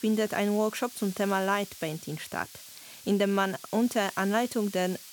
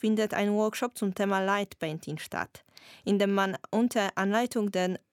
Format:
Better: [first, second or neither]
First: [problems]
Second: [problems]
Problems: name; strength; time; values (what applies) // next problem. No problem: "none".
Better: second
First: hiss; noticeable; throughout; 15 dB below the speech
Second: none